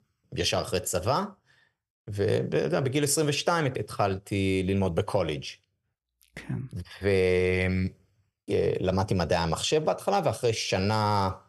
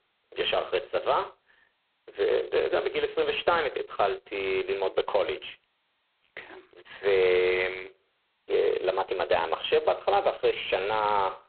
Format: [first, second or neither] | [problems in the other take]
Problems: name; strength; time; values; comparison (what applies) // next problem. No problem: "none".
first | phone-call audio; poor line; nothing above 4 kHz